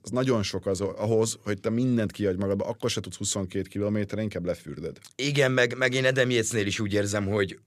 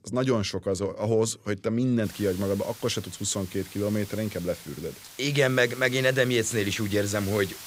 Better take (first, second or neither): first